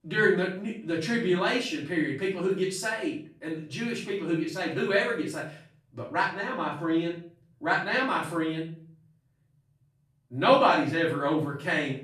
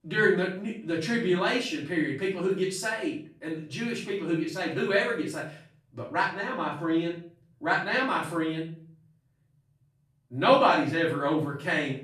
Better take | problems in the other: neither | off-mic speech; far; the same in both // room echo; noticeable; dies away in 0.4 s; the same in both

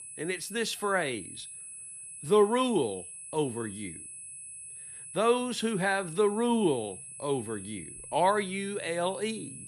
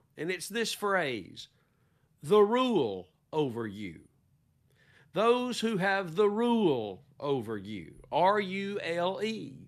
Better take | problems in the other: second | high-pitched whine; noticeable; throughout; 10 kHz, 10 dB below the speech

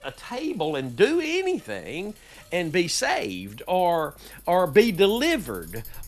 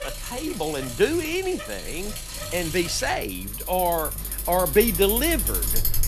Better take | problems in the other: first | traffic noise; loud; throughout; 3 dB below the speech; faint in the first

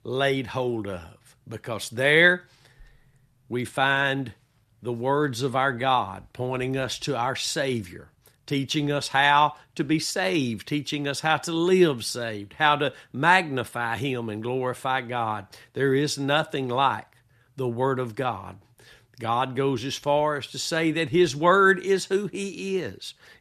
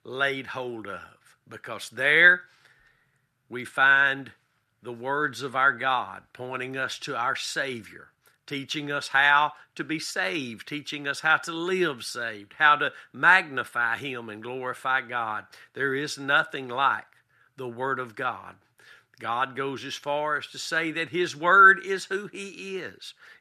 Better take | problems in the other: first | thin; somewhat; fading below 450 Hz

